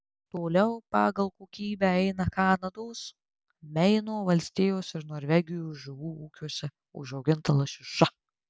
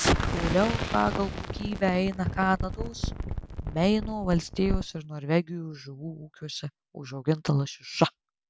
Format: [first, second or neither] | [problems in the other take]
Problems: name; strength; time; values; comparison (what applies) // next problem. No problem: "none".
first | background sound (Explosion); 4 dB below the speech